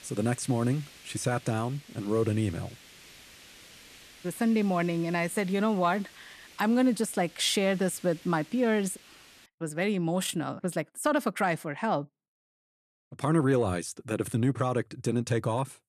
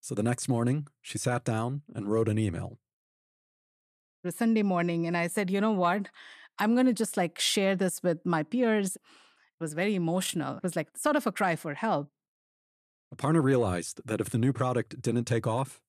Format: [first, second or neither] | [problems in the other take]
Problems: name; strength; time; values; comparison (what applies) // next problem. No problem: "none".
second | hiss; faint; until 9.5 s; 20 dB below the speech